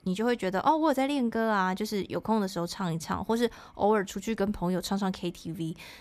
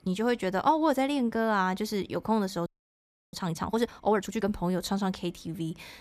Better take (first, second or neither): first